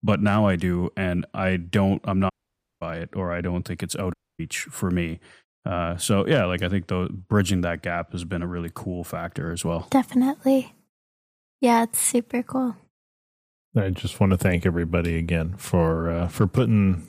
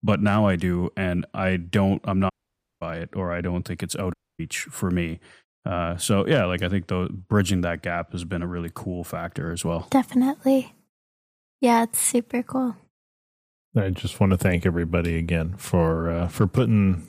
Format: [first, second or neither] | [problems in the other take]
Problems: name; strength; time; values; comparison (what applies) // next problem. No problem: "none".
neither | audio cutting out; at 2.5 s for 0.5 s and at 4 s; the same in both